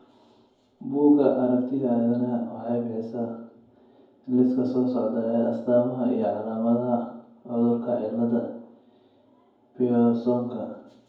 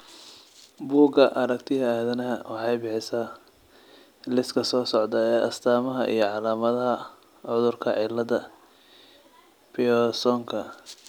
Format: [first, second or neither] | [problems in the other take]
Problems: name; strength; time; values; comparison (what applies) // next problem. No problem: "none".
second | room echo; dies away in 0.9 s